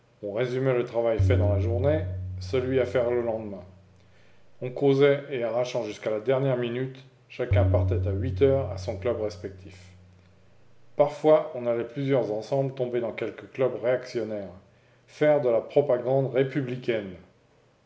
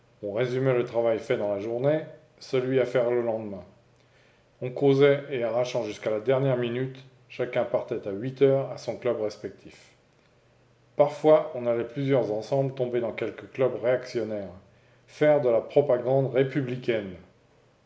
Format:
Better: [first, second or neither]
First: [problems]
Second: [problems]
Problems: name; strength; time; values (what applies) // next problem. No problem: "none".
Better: second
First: background sound (Tabla); 3 dB below the speech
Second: none